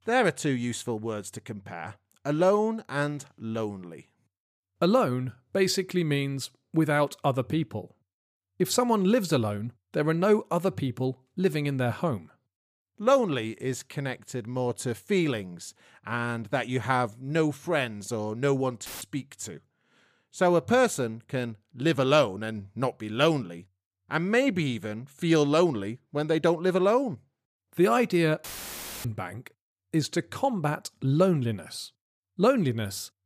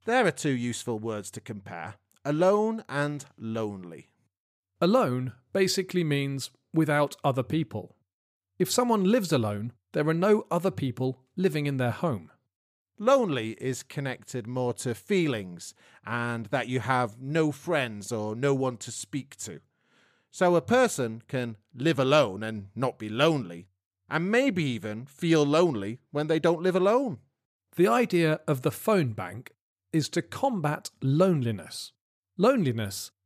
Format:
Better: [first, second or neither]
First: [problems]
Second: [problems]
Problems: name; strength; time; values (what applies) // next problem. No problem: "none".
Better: second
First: audio cutting out; filled with static; at 19 s and at 28 s for 0.5 s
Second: none